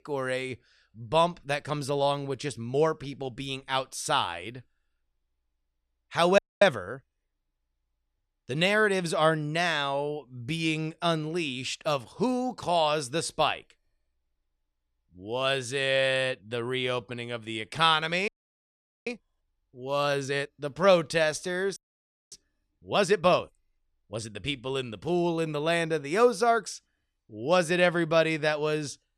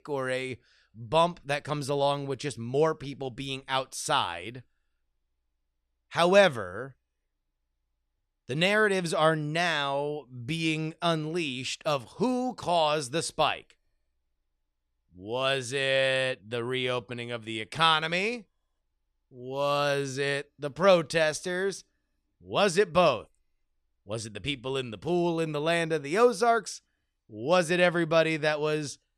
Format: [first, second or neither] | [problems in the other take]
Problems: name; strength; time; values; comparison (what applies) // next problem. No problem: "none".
second | audio freezing; at 6.5 s, at 18 s for 1 s and at 22 s for 0.5 s